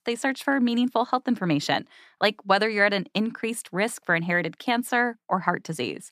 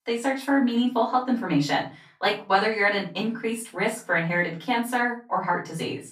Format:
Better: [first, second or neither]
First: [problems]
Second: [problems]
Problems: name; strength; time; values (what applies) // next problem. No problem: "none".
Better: first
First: none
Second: off-mic speech; far // room echo; slight; dies away in 0.3 s